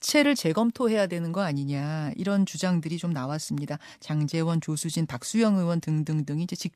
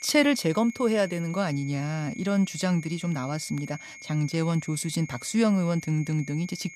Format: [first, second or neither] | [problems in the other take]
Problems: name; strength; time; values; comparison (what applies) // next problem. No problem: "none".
first | high-pitched whine; noticeable; throughout; 2 kHz, 15 dB below the speech